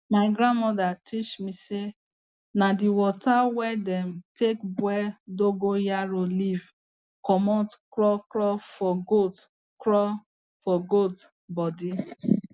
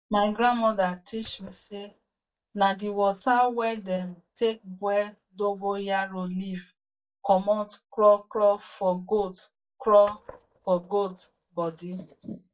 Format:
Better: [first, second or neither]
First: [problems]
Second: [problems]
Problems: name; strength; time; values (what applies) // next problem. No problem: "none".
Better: first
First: none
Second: noise reduction (neural mask model DeepFilterNet 3)